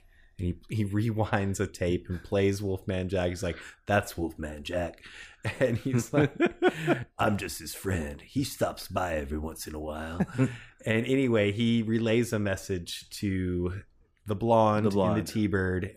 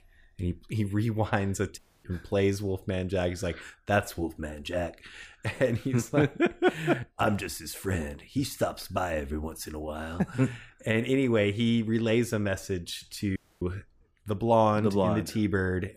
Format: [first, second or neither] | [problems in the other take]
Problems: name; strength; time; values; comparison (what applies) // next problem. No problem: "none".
first | audio cutting out; at 2 s and at 13 s